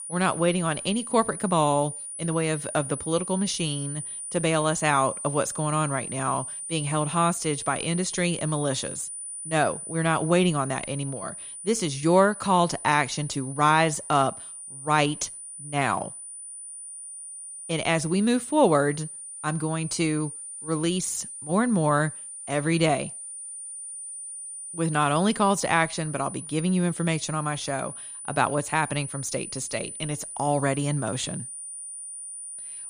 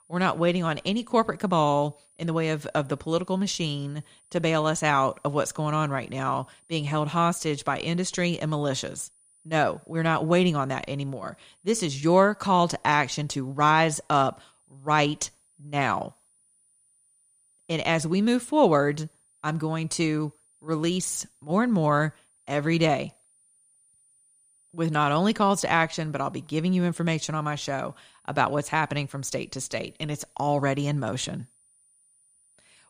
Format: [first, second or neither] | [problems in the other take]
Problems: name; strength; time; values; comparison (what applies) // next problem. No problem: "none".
second | high-pitched whine; loud; throughout; 9.5 kHz, 9 dB below the speech; faint in the second